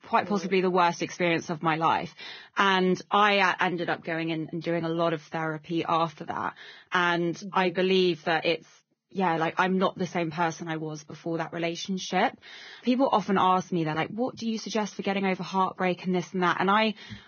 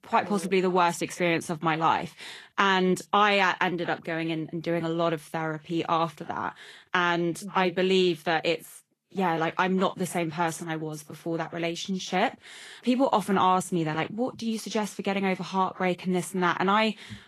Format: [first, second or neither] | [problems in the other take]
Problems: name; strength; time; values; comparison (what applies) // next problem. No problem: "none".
second | garbled, watery; badly; nothing above 6.5 kHz; slightly in the second